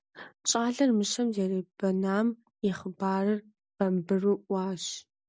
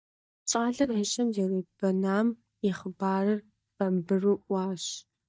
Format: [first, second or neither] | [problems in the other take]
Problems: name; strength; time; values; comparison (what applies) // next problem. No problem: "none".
first | noise reduction (neural mask model DeepFilterNet 3)